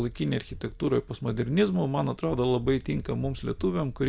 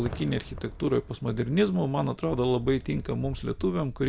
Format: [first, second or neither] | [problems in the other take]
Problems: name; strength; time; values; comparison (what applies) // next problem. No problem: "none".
first | background sound (Fireworks); 18 dB below the speech